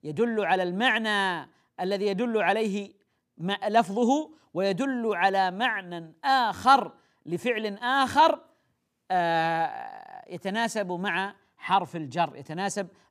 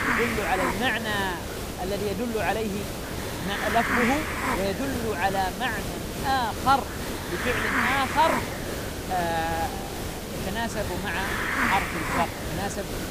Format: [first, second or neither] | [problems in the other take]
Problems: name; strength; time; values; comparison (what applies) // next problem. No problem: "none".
first | hiss; loud; throughout; 1 dB below the speech